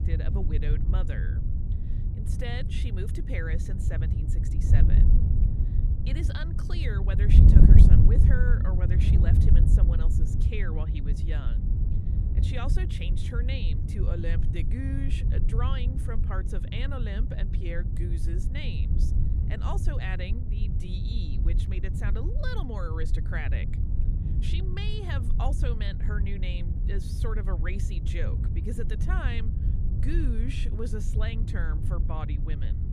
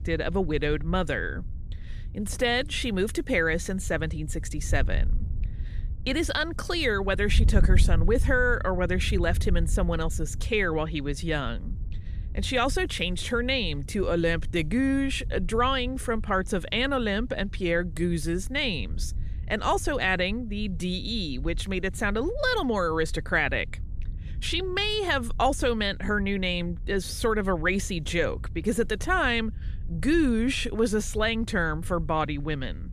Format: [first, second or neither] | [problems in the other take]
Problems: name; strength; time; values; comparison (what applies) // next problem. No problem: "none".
second | wind noise on the microphone; heavy; 2 dB below the speech; occasional gusts in the second